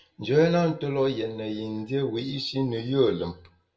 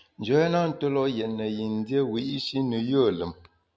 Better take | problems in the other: second | room echo; dies away in 0.2 s

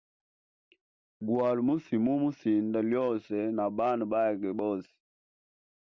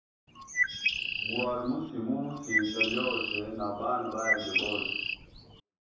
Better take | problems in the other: first | background sound (Bird); 2 dB above the speech // room echo; dies away in 0.7 s

